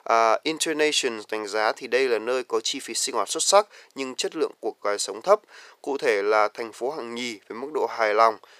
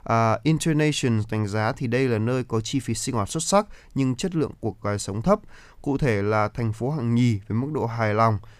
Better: second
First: thin; very; fading below 400 Hz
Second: none

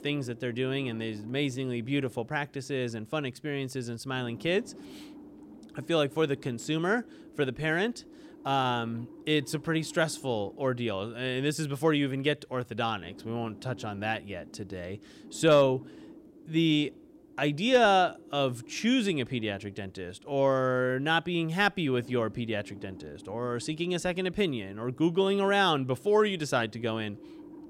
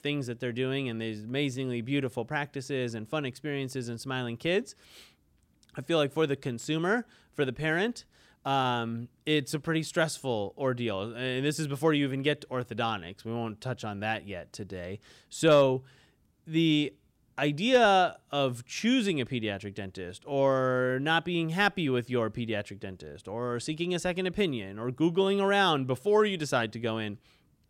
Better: second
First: wind noise on the microphone; occasional gusts; 25 dB below the speech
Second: none

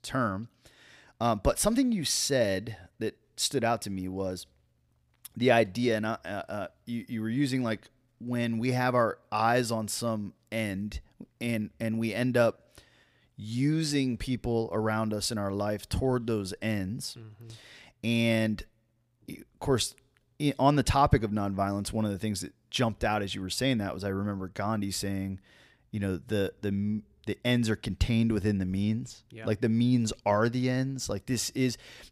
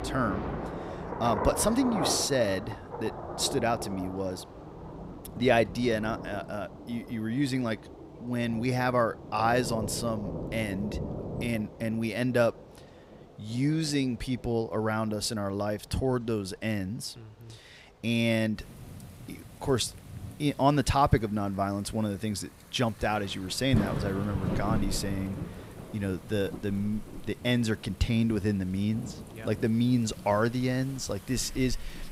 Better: first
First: none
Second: rain or running water; loud; throughout; 9 dB below the speech

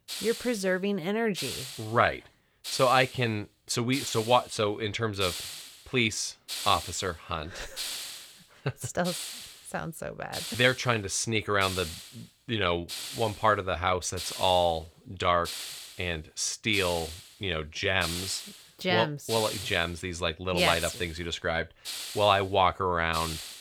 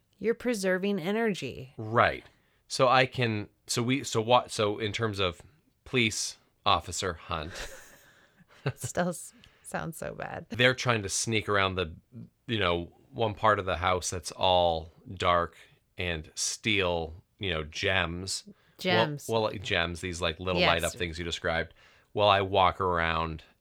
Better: second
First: hiss; loud; throughout; 9 dB below the speech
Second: none

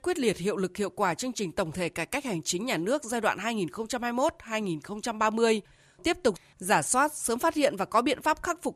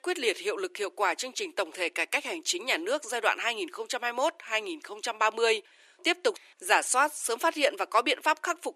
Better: first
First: none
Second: thin; somewhat; fading below 300 Hz

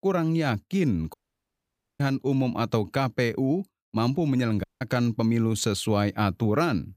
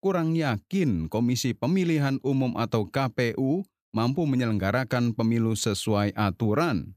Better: second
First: audio cutting out; at 1 s for 1 s and at 4.5 s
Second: none

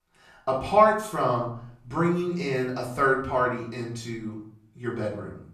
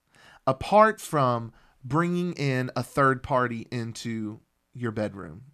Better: second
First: off-mic speech; far // room echo; slight; dies away in 0.5 s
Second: none

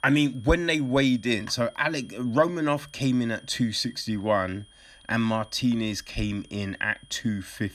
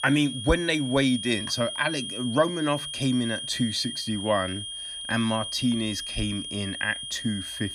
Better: first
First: high-pitched whine; faint; throughout; 3 kHz, 25 dB below the speech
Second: high-pitched whine; loud; throughout; 3 kHz, 6 dB below the speech

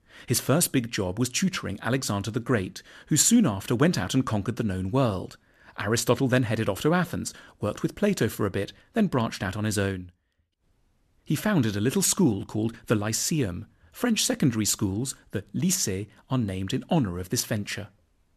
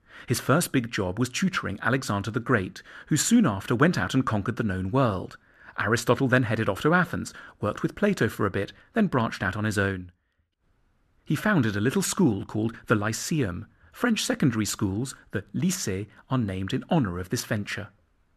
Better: first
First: none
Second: muffled; slightly; fading above 4 kHz

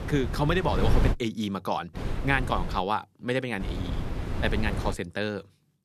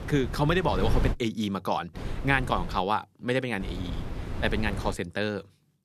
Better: second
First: wind noise on the microphone; heavy; until 1 s, at 2 s and from 3.5 to 5 s; 9 dB below the speech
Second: wind noise on the microphone; occasional gusts; until 1 s, at 2 s and from 3.5 to 5 s; 15 dB below the speech

